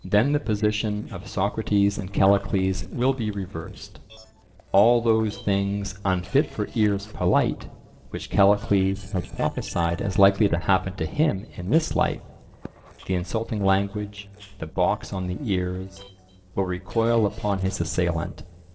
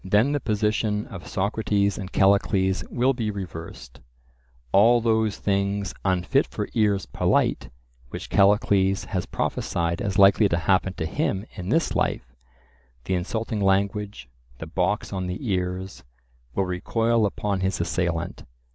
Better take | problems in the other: second | noise reduction (neural separator model SepFormer DNS4)

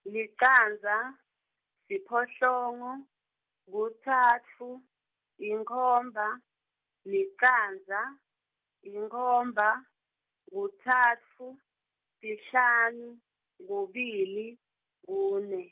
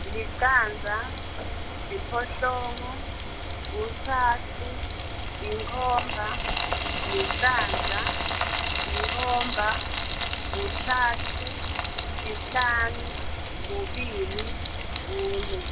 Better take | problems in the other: first | background sound (Frying (food)); as loud as the speech

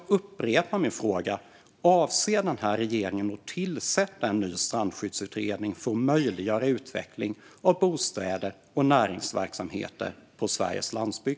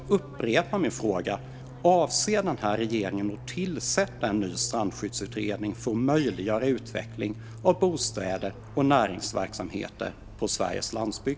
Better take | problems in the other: first | background sound (Fixed-wing aircraft, airplane); 15 dB below the speech

